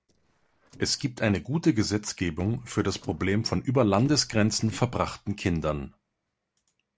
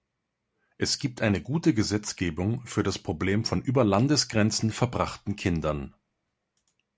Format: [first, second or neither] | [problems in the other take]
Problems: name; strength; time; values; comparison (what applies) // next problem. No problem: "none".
second | noise reduction (neural separator model SepFormer DNS4)